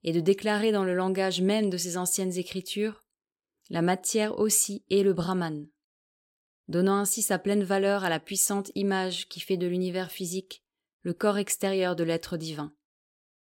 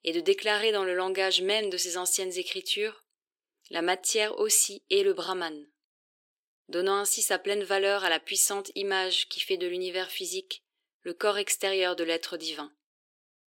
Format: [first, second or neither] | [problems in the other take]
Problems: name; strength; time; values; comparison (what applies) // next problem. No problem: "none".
first | thin; very; fading below 350 Hz